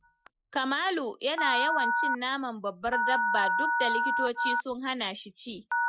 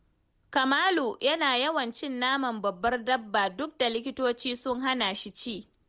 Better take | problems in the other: second | noise reduction (classical method Wiener filter)

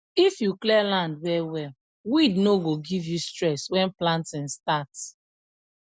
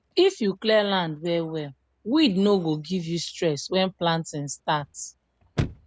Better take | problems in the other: first | background sound (Chirp, tweet / Slam / Car); 15 dB below the speech

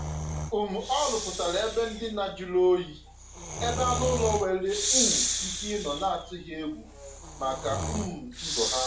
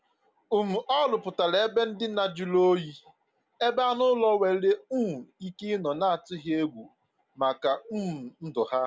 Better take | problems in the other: second | background sound (Breathing); 3 dB below the speech // room echo; dies away in 0.3 s

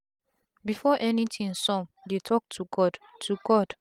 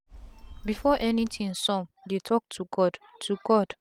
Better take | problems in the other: first | background sound (Telephone); 16 dB below the speech

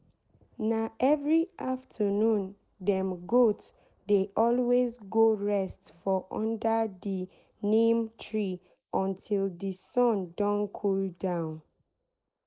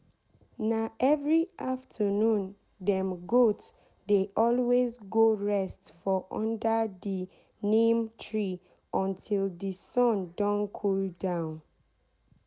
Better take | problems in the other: second | noise reduction (neural mask model Resemble Enhance denoiser)

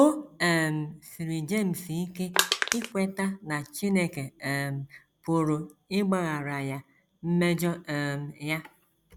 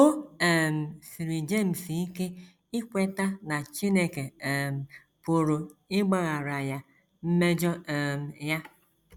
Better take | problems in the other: second | background sound (Crushing); 2 dB above the speech

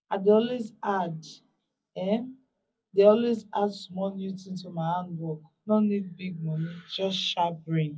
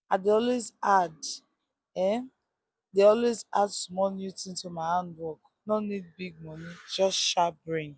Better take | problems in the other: second | room echo; dies away in 0.4 s

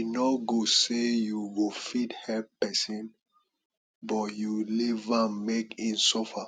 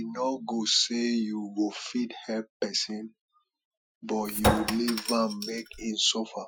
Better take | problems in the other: first | noise reduction (classical method Wiener filter)

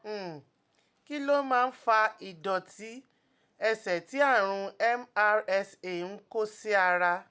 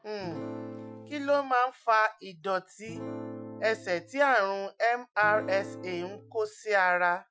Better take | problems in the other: first | noise reduction (classical method Wiener filter)

